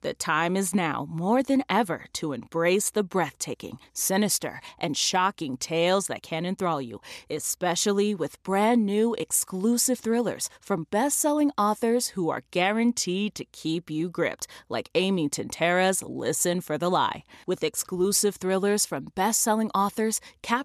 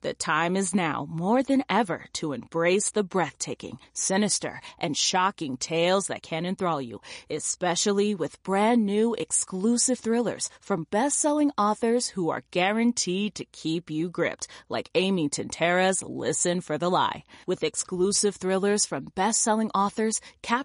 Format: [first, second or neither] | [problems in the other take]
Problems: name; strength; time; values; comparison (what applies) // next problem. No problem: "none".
first | garbled, watery; slightly; nothing above 10.5 kHz